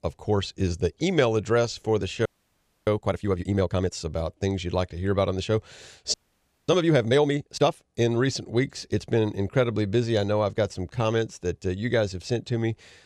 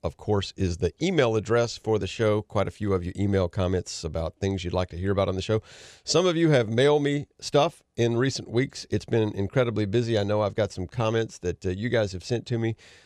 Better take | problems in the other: second | audio freezing; at 2.5 s for 0.5 s and at 6 s for 0.5 s

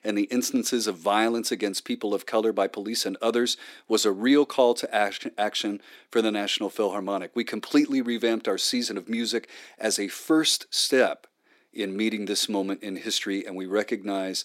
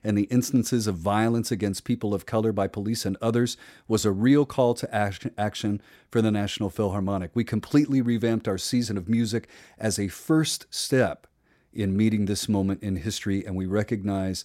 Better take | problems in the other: second | thin; very slightly; fading below 300 Hz

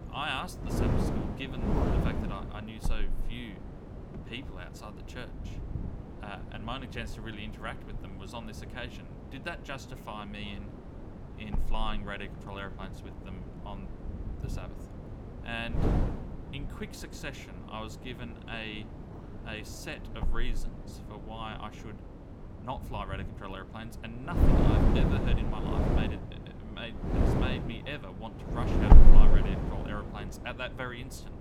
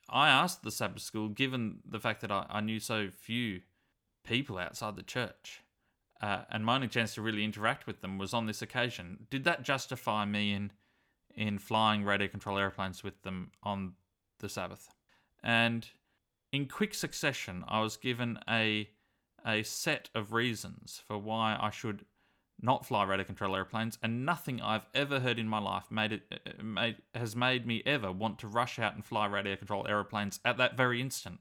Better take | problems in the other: second | wind noise on the microphone; heavy; 1 dB below the speech

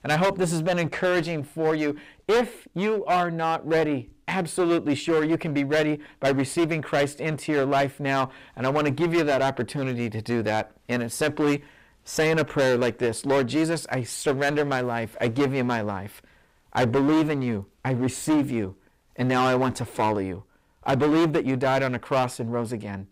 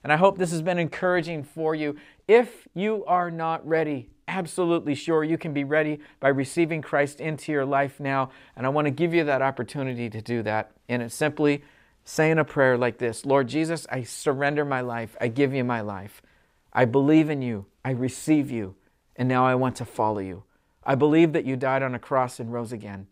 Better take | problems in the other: second | distortion; heavy; 12% of the sound clipped

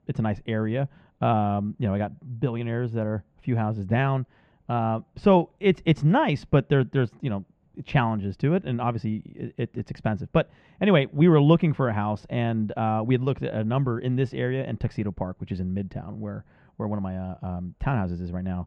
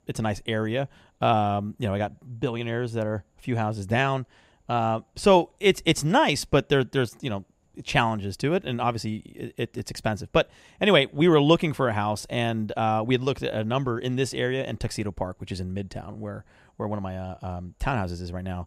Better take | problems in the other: second | muffled; very; fading above 2.5 kHz

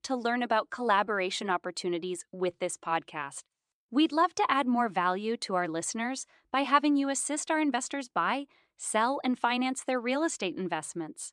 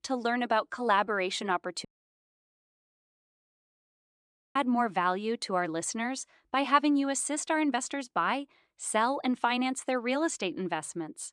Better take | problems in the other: first | audio cutting out; at 2 s for 2.5 s

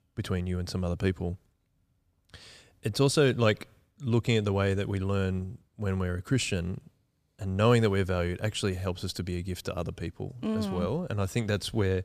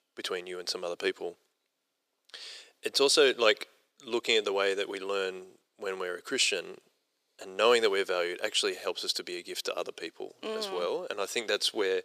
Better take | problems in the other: first | thin; very; fading below 400 Hz

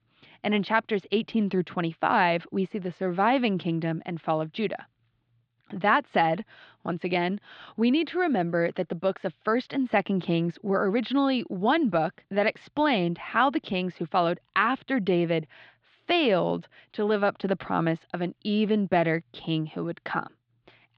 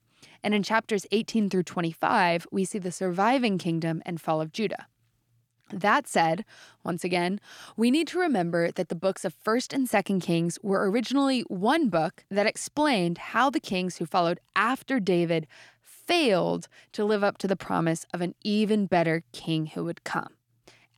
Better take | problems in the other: second | muffled; slightly; fading above 3.5 kHz

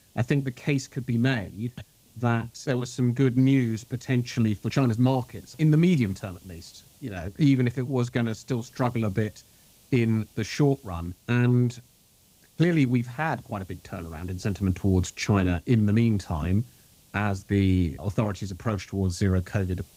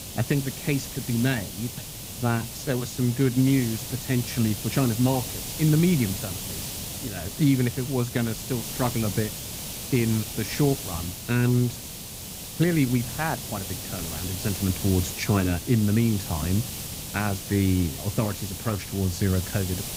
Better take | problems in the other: first | hiss; loud; throughout; 7 dB below the speech; faint in the first

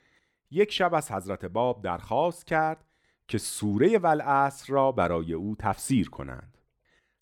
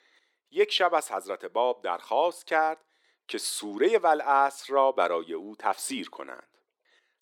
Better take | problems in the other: first | thin; somewhat; fading below 350 Hz

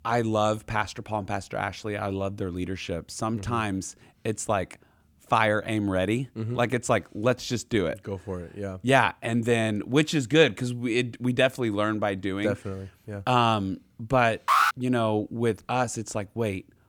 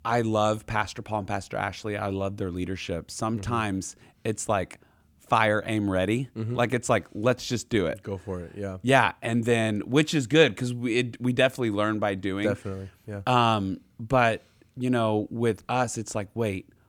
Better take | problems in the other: second | alarm; loud; at 14 s; peak 5 dB above the speech

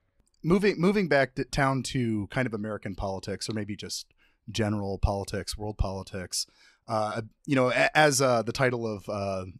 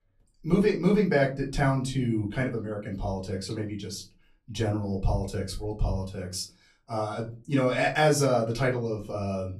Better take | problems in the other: first | off-mic speech; far // room echo; very slight; dies away in 0.3 s

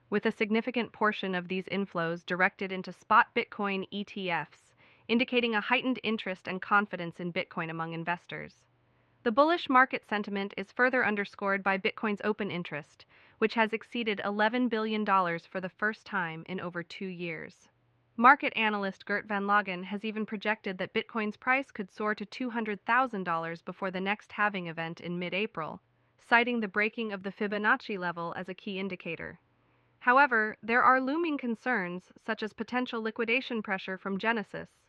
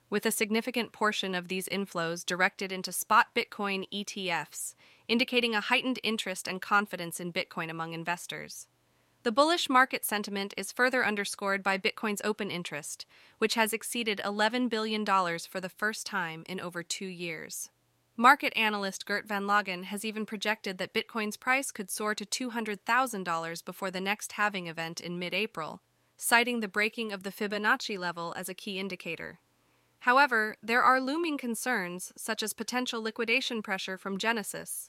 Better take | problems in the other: second | muffled; slightly; fading above 2.5 kHz

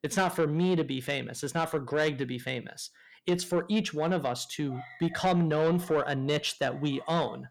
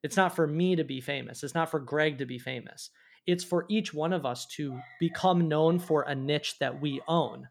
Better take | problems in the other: second | distortion; slight; 10 dB below the speech

